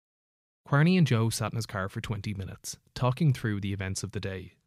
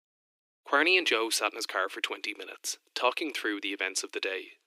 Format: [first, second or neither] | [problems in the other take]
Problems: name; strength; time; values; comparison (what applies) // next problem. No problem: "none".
first | thin; very; fading below 300 Hz